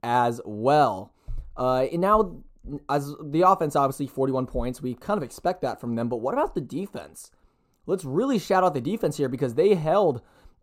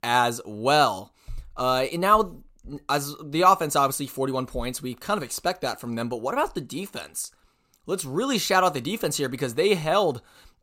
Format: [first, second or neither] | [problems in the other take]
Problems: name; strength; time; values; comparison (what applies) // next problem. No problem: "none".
second | muffled; slightly; fading above 1.5 kHz